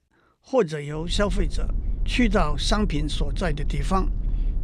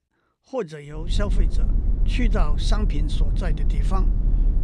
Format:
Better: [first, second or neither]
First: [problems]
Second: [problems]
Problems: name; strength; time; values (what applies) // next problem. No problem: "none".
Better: first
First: low rumble; faint; from 1 s on; 20 dB below the speech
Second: low rumble; loud; from 1 s on; 9 dB below the speech